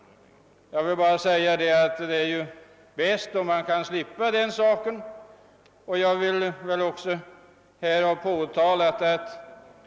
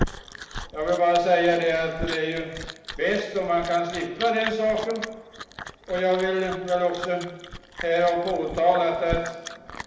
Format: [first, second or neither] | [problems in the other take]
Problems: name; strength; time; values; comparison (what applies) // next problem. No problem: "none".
first | background sound (Chewing, mastication); 11 dB below the speech // room echo; dies away in 0.8 s